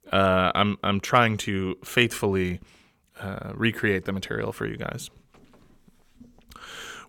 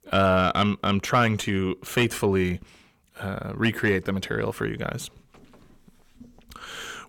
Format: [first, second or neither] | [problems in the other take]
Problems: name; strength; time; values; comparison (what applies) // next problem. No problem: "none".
first | distortion; slight; 10 dB below the speech